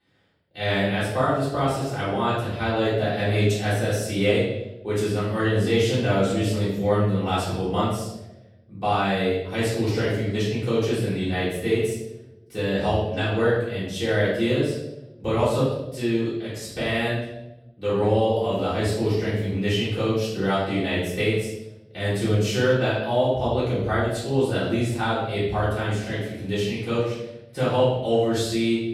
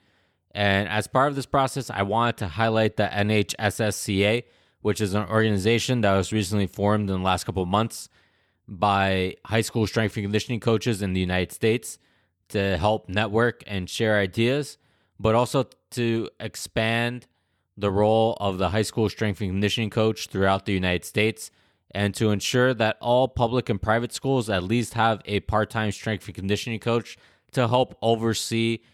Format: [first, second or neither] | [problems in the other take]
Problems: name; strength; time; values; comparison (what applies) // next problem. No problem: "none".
second | off-mic speech; far // room echo; strong; dies away in 0.8 s